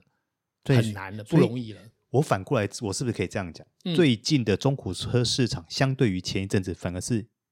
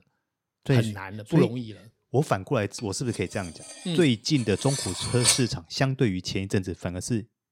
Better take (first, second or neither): first